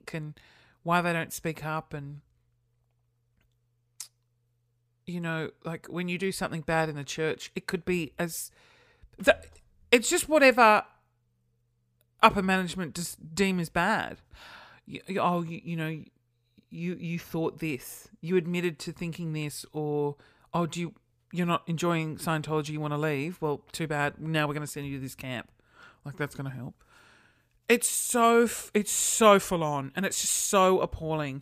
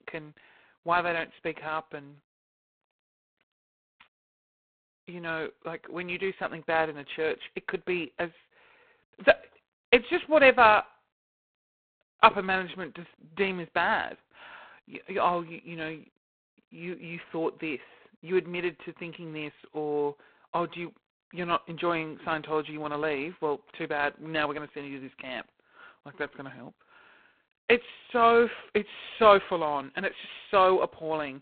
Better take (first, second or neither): first